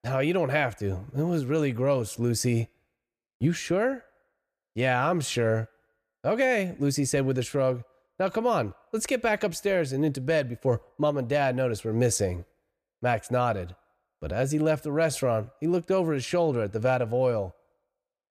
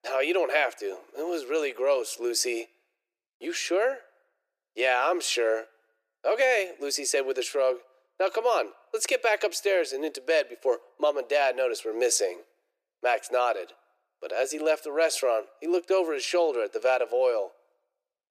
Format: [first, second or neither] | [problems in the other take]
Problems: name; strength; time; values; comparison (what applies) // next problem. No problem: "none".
first | thin; very; fading below 350 Hz